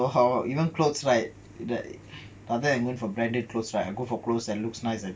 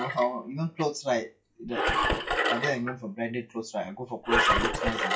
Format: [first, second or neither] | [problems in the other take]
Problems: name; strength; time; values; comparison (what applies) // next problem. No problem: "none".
first | noise reduction (classical method log-MMSE)